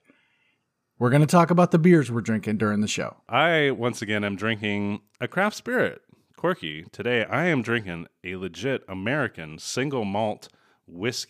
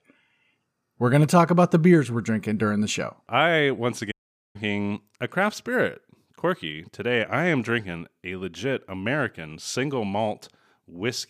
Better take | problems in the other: first | audio cutting out; at 4 s

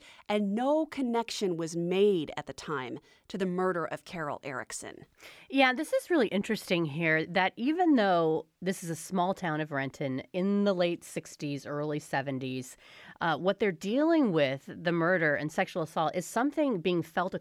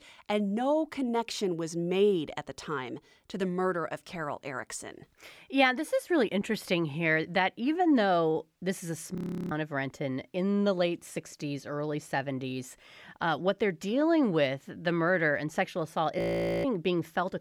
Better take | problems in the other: first | audio freezing; at 9 s and at 16 s

